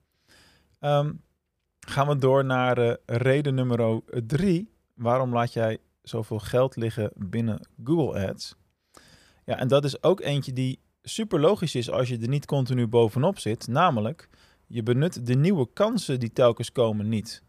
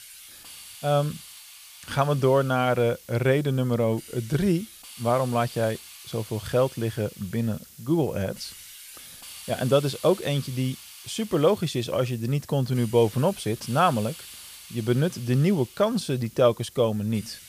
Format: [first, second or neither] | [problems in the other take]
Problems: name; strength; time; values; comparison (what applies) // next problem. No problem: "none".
first | hiss; noticeable; throughout; 15 dB below the speech